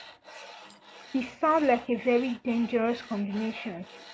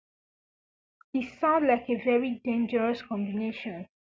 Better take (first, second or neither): second